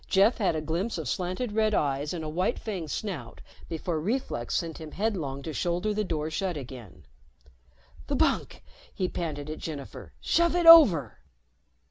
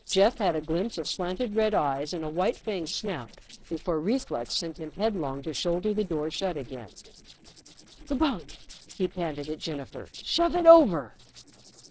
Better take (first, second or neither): first